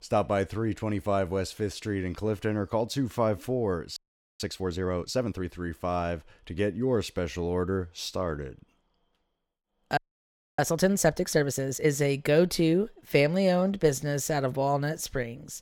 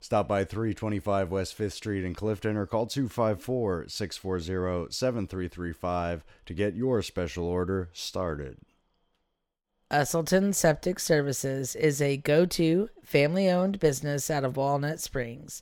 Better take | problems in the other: second | audio freezing; at 4 s and at 10 s for 0.5 s

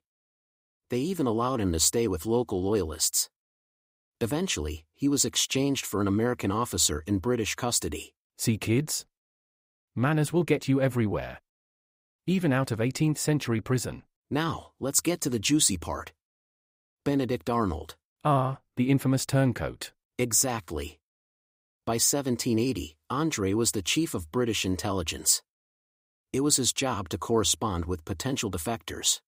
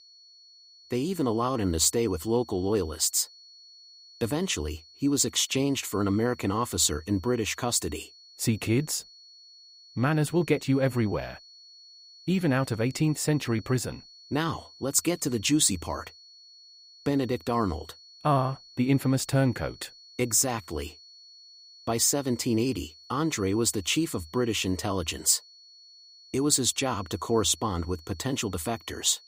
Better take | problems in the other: first | high-pitched whine; faint; throughout; 4.5 kHz, 20 dB below the speech

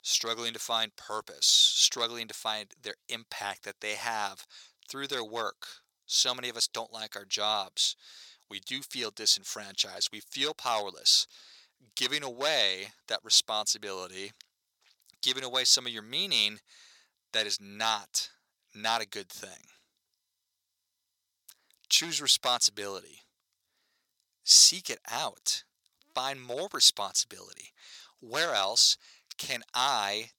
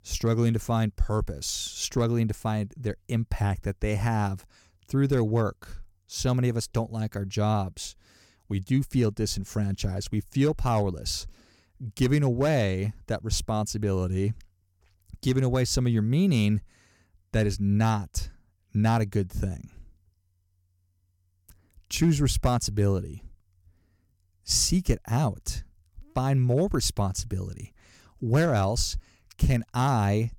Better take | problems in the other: second | thin; very; fading below 800 Hz

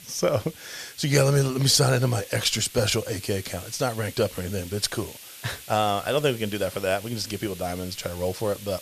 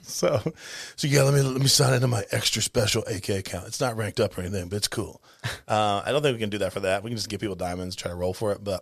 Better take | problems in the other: second | hiss; noticeable; throughout; 15 dB below the speech

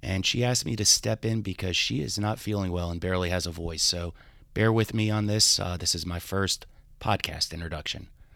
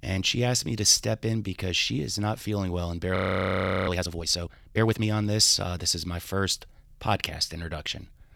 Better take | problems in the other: first | audio freezing; at 3 s for 0.5 s

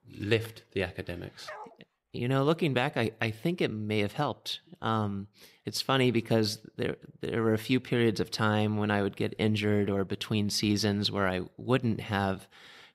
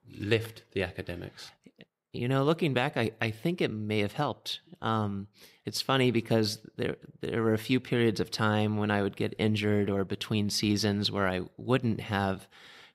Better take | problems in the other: second | dog barking; faint; at 1.5 s; peak 15 dB below the speech

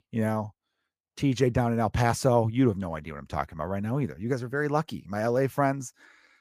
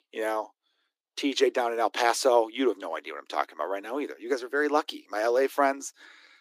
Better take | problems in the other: first | thin; somewhat; fading below 300 Hz

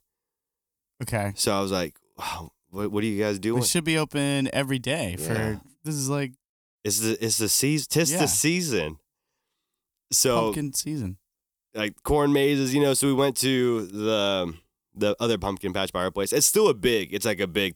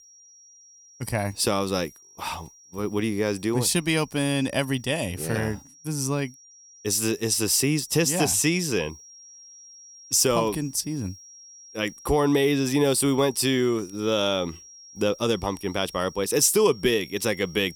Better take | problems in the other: first | high-pitched whine; faint; throughout; 5.5 kHz, 20 dB below the speech

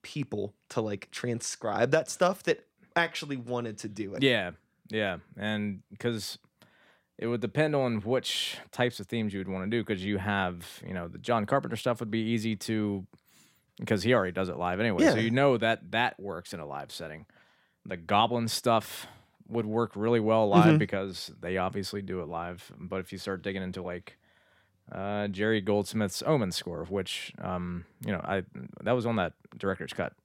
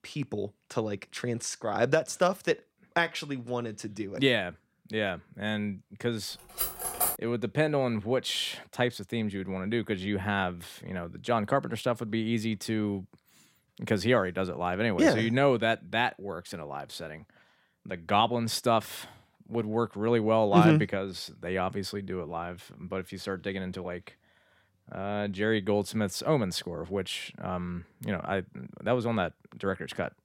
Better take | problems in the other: first | clattering dishes; loud; at 6.5 s; peak 2 dB above the speech

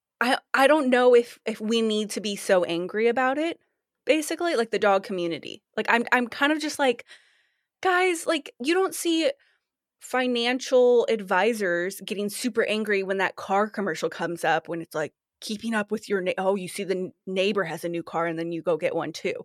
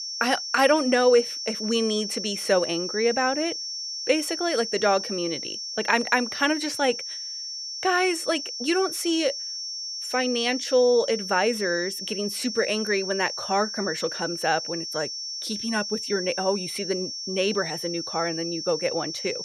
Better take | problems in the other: first | high-pitched whine; loud; throughout; 5.5 kHz, 5 dB below the speech

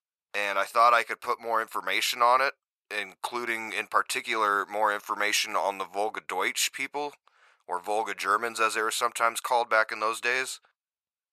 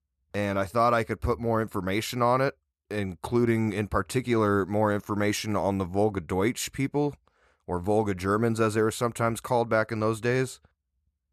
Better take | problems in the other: second | thin; very; fading below 950 Hz

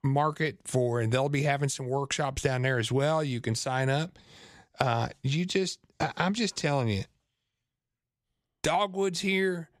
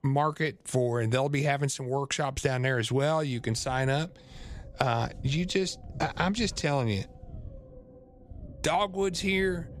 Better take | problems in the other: first | low rumble; faint; throughout; 25 dB below the speech

